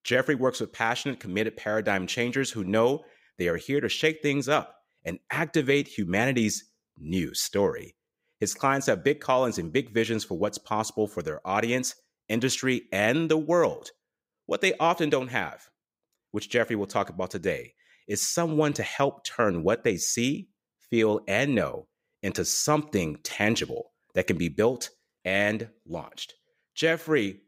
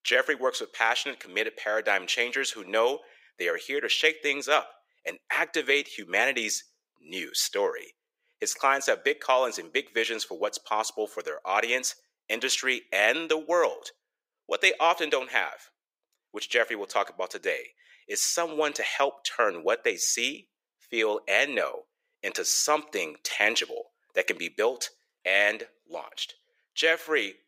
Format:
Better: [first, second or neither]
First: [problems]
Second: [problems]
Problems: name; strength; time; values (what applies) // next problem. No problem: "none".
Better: first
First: none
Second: thin; very; fading below 450 Hz